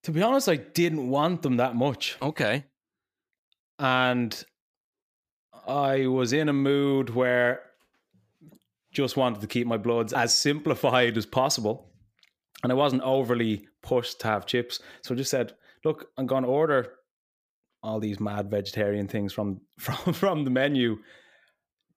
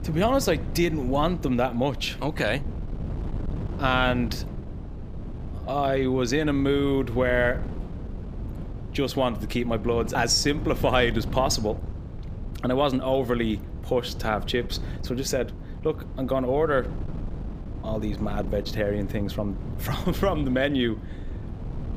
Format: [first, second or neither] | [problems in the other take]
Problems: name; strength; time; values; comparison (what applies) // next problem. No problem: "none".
first | wind noise on the microphone; occasional gusts; 15 dB below the speech